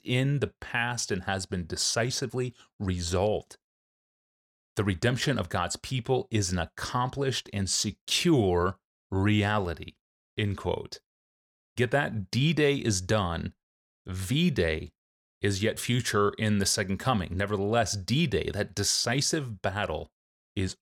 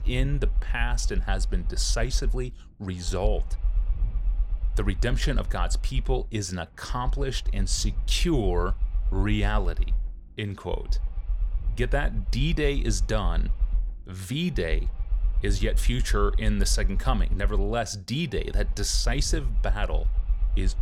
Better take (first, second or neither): first